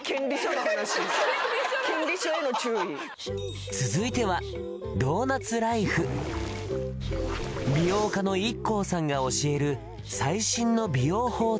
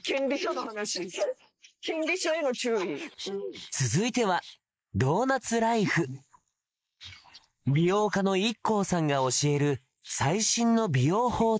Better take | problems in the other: first | noise reduction (neural mask model Resemble Enhance denoiser)

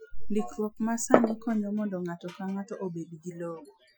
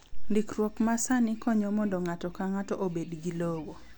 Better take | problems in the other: second | noise reduction (classical method Wiener filter)

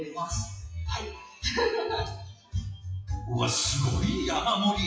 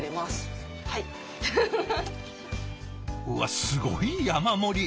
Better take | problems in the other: second | noise reduction (classical method WPE with log-MMSE)

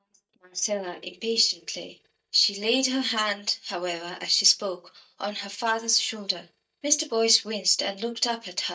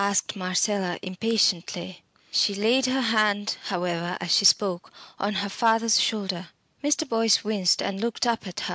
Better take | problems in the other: second | noise reduction (neural mask model DeepFilterNet 3)

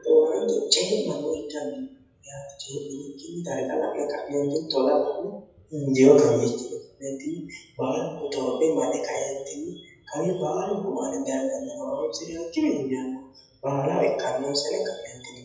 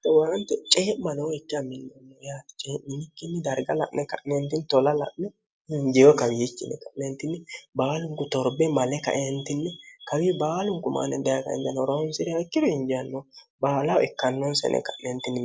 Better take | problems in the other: second | noise reduction (classical method WPE with log-MMSE)

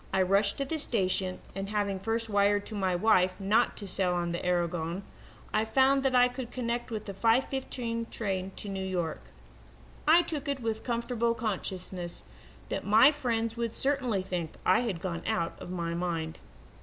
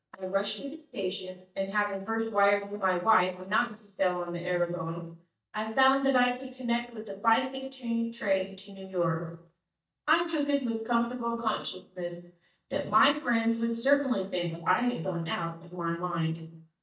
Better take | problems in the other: first | noise reduction (neural mask model DeepFilterNet 3)

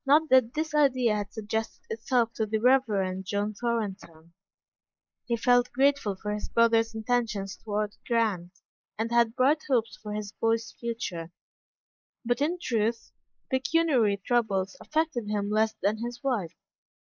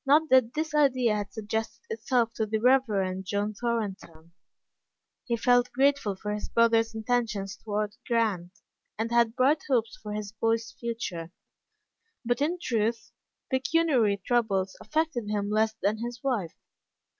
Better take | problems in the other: second | noise reduction (neural mask model Resemble Enhance denoiser)

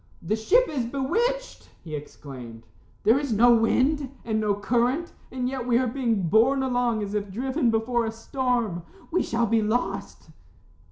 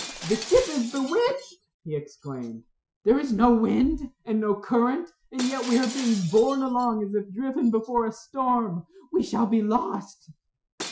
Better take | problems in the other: first | noise reduction (classical method Wiener filter)

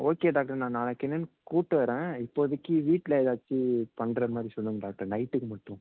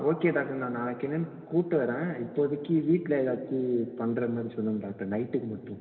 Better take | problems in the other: first | room echo; dies away in 2.3 s

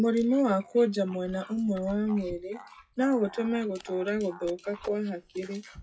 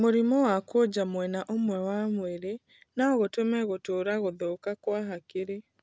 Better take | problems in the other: second | noise reduction (classical method WPE with log-MMSE)

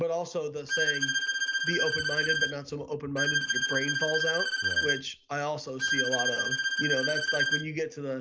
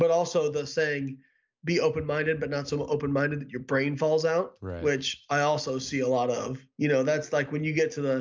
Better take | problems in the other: second | background sound (Bowed string instrument); 4 dB above the speech

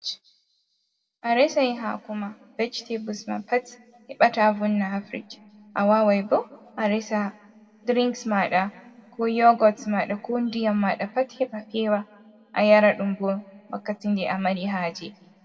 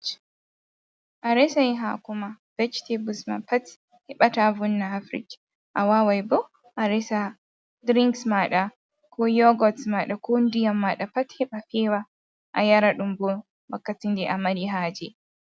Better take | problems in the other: second | room echo; dies away in 1.4 s

